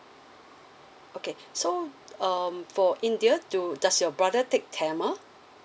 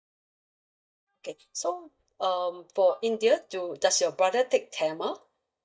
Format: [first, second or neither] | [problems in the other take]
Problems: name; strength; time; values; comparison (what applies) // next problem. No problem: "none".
first | noise reduction (neural mask model DeepFilterNet 3)